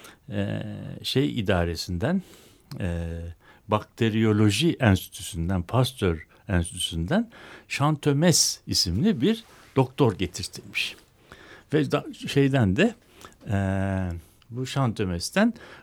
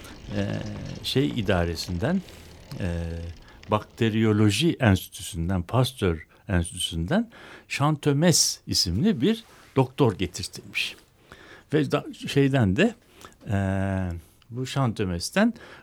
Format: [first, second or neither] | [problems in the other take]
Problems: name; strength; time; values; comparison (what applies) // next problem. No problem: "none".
first | traffic noise; faint; until 4 s; 20 dB below the speech